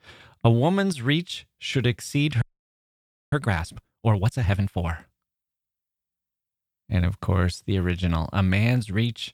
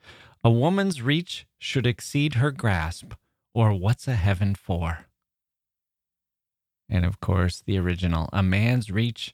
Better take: second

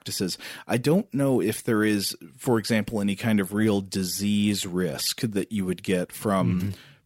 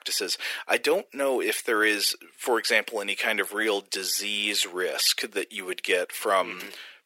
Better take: first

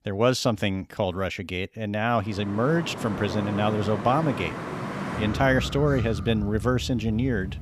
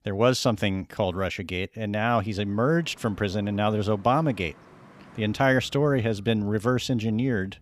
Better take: second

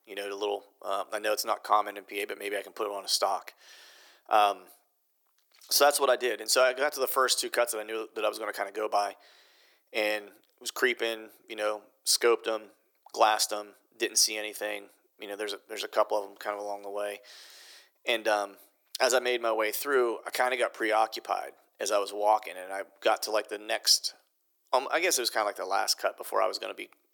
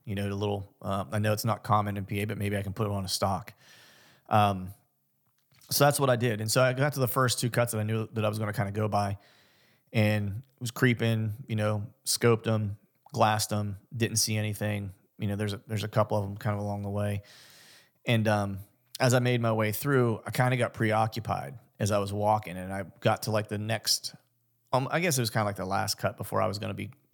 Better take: second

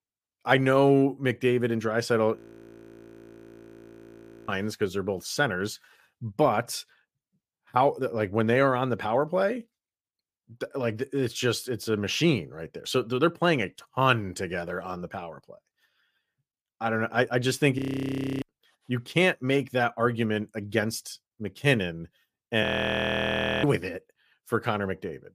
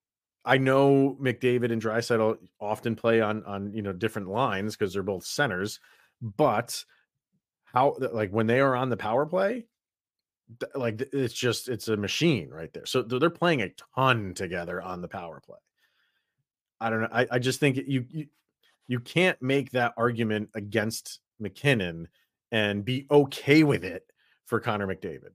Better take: second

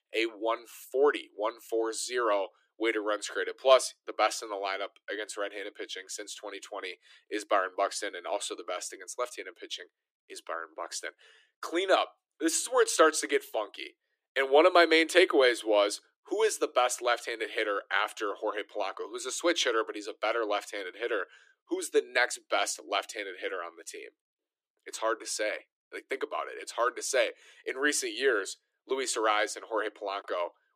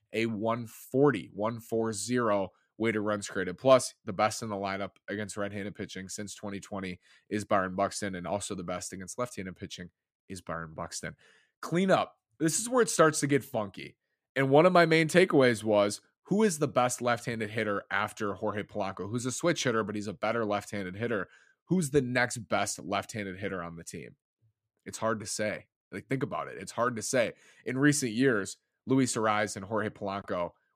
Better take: second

